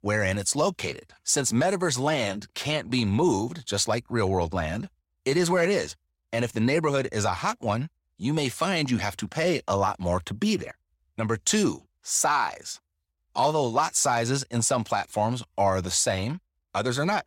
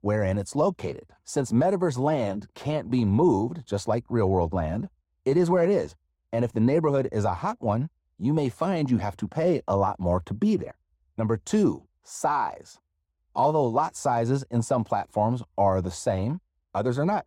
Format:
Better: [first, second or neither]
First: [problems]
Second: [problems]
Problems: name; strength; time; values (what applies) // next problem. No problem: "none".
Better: first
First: none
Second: muffled; slightly; fading above 1.5 kHz